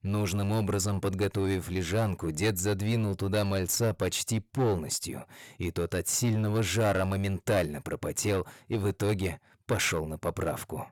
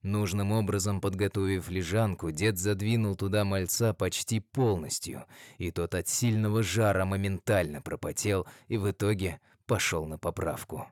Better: second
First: distortion; slight; 8% of the sound clipped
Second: none

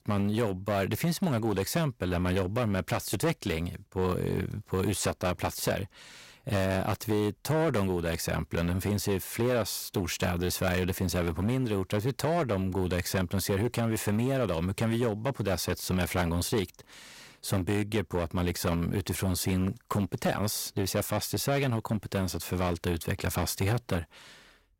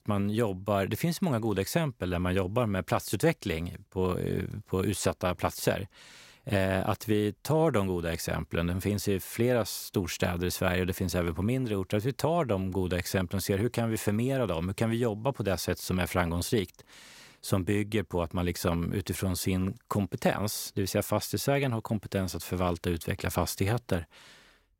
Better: second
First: distortion; slight; 8% of the sound clipped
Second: none

